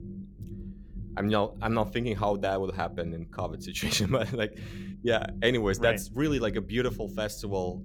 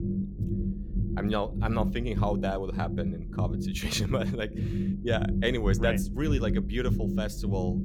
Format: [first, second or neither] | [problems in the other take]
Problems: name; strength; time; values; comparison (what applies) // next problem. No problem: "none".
first | low rumble; loud; throughout; 8 dB below the speech; faint in the first